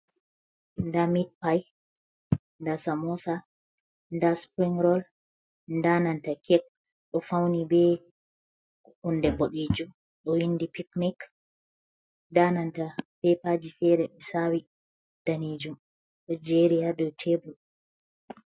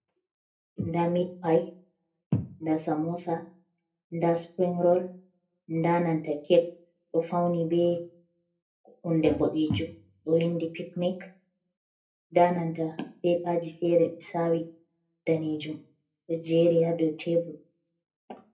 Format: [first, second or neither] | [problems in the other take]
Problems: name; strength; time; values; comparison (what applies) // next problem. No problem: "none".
first | room echo; dies away in 0.3 s